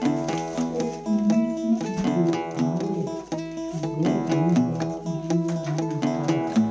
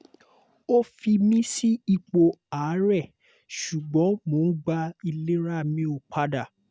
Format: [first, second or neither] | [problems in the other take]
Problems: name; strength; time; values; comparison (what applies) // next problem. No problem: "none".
second | background sound (Acoustic guitar); 1 dB above the speech // room echo; dies away in 0.9 s